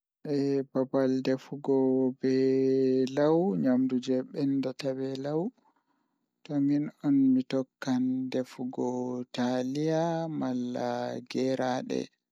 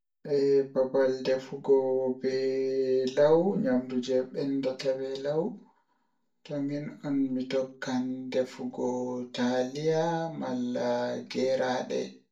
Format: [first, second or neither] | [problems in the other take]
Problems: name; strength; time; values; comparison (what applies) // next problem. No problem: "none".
first | room echo; dies away in 0.3 s